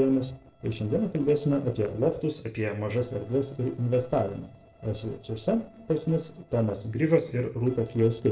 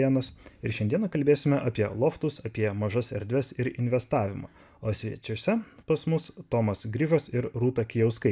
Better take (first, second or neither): second